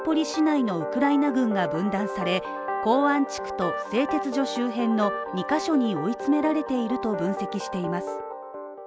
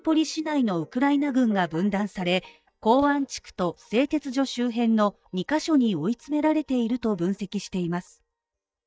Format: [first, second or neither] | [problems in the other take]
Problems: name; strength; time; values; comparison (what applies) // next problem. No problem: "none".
first | noise reduction (neural mask model DeepFilterNet 3)